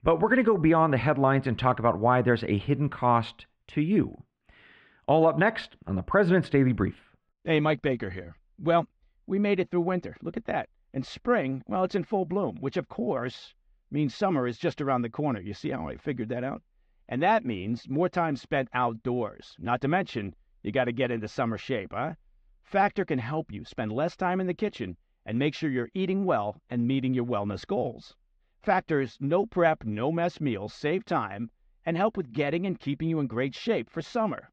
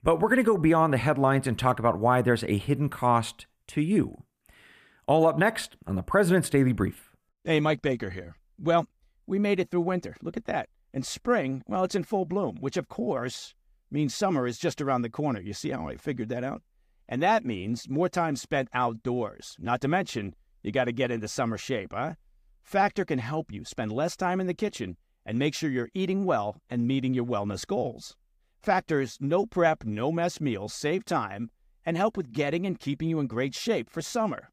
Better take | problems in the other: second | muffled; slightly; fading above 4 kHz

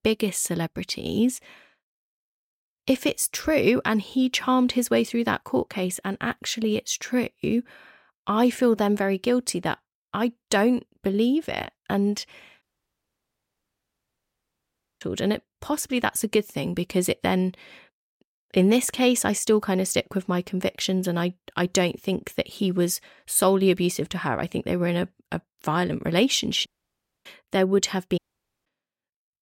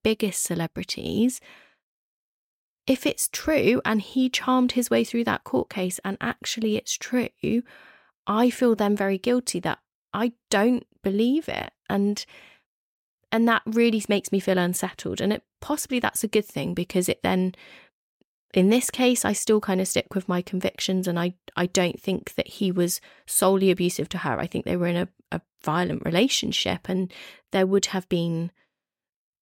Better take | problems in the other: second | audio cutting out; at 13 s for 2.5 s, at 27 s for 0.5 s and at 28 s

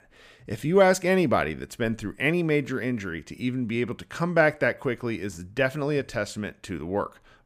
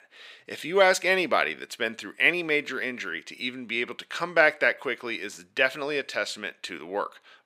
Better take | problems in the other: first | thin; somewhat; fading below 400 Hz

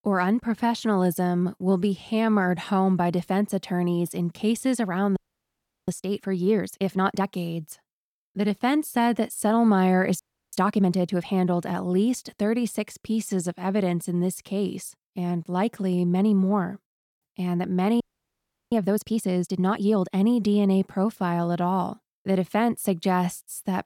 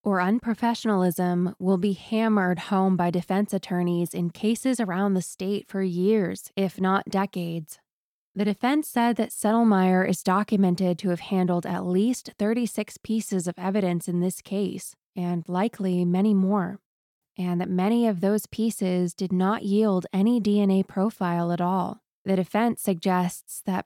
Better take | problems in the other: second | audio freezing; at 5 s for 0.5 s, at 10 s and at 18 s for 0.5 s

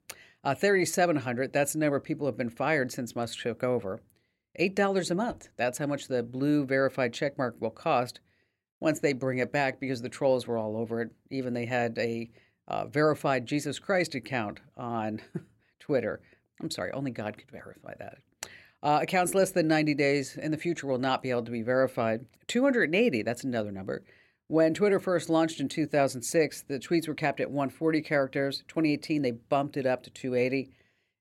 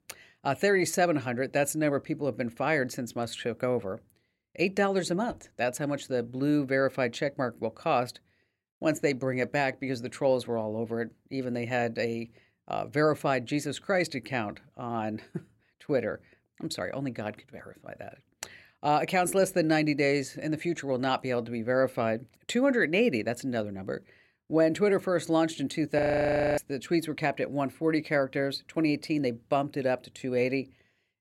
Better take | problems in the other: first | audio freezing; at 26 s for 0.5 s

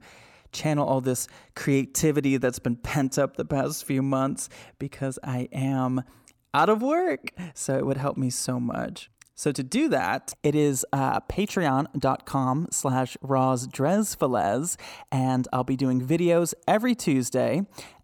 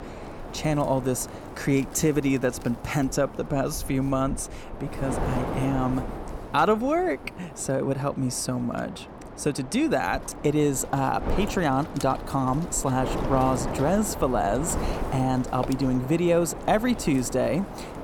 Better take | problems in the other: first | wind noise on the microphone; heavy; 10 dB below the speech

